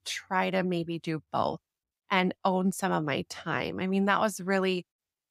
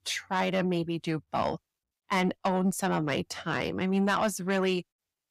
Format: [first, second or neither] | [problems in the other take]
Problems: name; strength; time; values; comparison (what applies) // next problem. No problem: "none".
first | distortion; slight; 10 dB below the speech